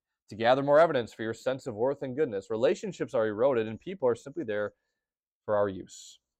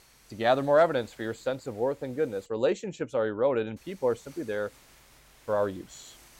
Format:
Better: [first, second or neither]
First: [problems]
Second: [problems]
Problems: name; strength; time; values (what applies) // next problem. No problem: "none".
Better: first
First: none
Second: hiss; faint; until 2.5 s and from 4 s on; 25 dB below the speech